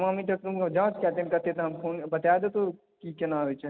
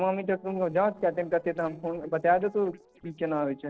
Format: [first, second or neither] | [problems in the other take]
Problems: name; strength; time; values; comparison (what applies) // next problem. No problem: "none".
first | noise reduction (neural separator model SepFormer DNS4)